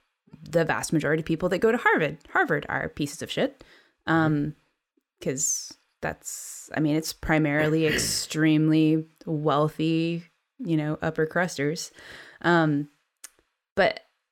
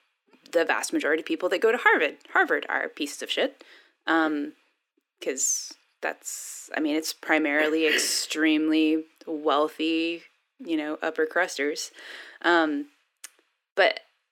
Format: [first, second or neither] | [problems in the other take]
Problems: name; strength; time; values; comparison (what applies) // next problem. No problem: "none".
first | thin; somewhat; fading below 300 Hz